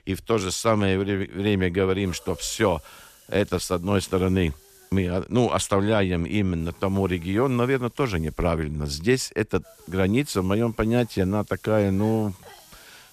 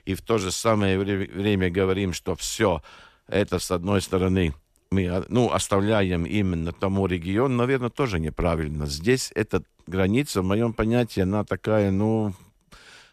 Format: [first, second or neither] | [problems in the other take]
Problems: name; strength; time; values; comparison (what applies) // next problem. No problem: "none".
second | hiss; faint; from 2 to 5 s, from 6.5 to 8.5 s and from 9.5 s on; 25 dB below the speech